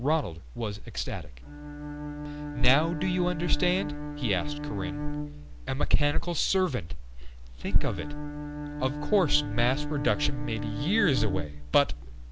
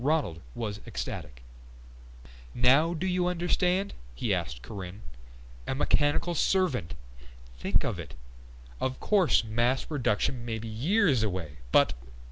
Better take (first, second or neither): second